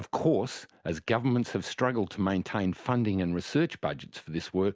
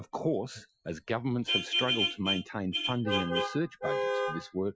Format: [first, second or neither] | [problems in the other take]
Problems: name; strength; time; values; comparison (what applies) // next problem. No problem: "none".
first | noise reduction (classical method Wiener filter)